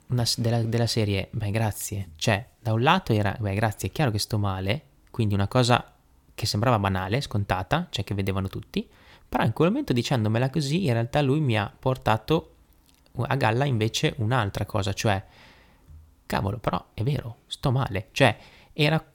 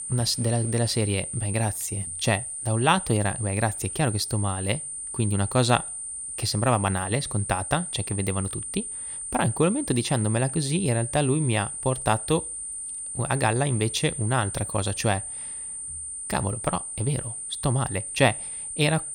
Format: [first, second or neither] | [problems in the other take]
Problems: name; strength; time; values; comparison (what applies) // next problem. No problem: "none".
first | high-pitched whine; loud; throughout; 9 kHz, 5 dB below the speech